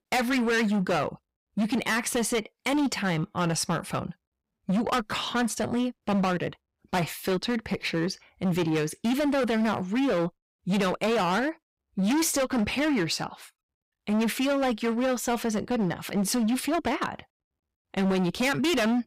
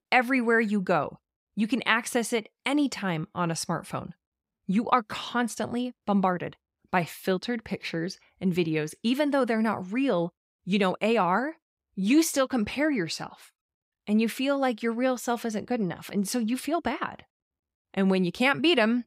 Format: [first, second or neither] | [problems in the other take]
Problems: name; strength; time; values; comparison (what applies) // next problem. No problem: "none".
second | distortion; heavy; 20% of the sound clipped